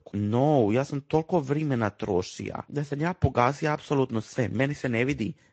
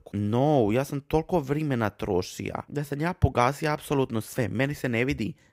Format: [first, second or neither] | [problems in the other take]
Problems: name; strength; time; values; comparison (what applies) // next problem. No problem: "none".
second | garbled, watery; slightly; nothing above 7.5 kHz